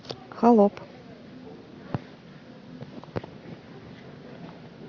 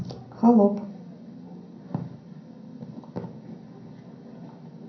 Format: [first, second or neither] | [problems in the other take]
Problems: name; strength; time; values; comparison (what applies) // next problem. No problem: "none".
first | room echo; dies away in 0.6 s